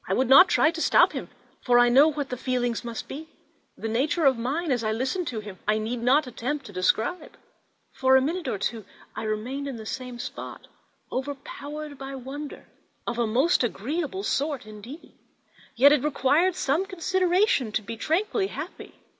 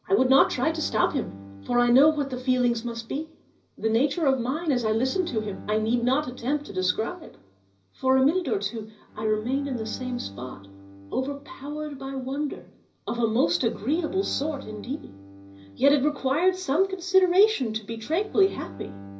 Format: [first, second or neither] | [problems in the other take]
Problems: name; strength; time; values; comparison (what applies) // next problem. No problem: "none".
first | background sound (Bowed string instrument); 18 dB below the speech // room echo; dies away in 0.5 s